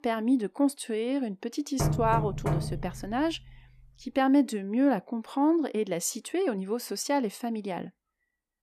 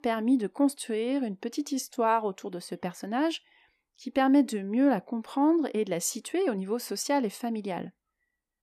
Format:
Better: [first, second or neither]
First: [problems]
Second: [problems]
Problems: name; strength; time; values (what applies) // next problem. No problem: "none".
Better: second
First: door banging; noticeable; from 2 to 3 s; peak level with the speech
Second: none